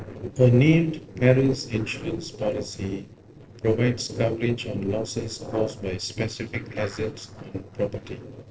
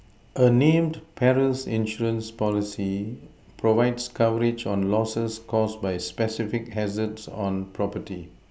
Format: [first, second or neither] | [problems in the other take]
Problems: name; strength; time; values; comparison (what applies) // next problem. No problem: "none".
second | noise reduction (neural separator model SepFormer DNS4)